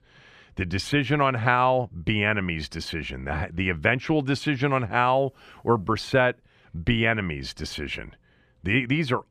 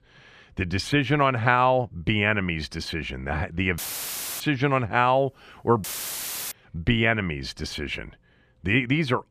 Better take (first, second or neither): first